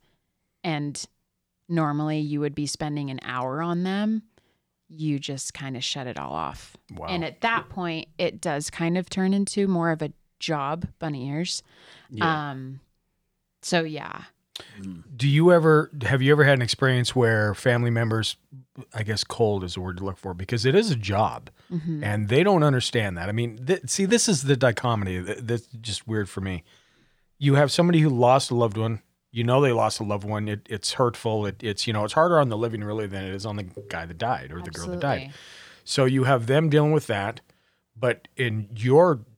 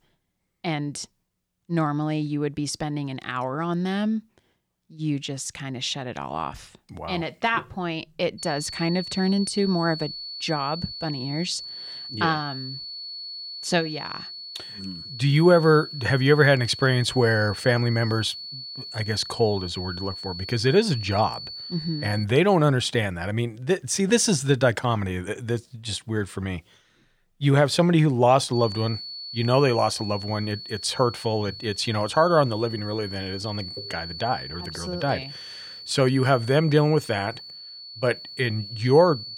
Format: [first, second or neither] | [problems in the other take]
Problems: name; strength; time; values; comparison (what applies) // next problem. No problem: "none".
first | high-pitched whine; noticeable; from 8.5 to 22 s and from 29 s on; 4.5 kHz, 10 dB below the speech